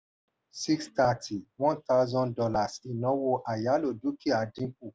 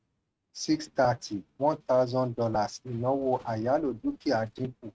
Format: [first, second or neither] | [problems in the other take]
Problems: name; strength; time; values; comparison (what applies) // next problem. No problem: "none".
first | noise reduction (neural mask model RNNoise)